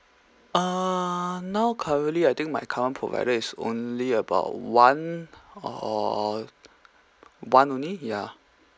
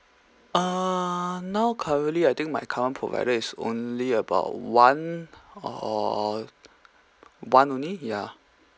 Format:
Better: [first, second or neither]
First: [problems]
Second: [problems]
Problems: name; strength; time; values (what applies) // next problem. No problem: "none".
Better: first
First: none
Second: background sound (Fart); 19 dB below the speech